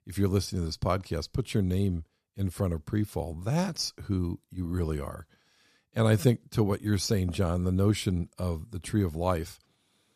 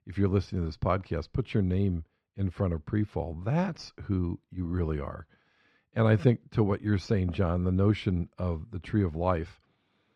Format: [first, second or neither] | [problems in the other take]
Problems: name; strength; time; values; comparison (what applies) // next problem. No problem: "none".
first | muffled; slightly; fading above 2 kHz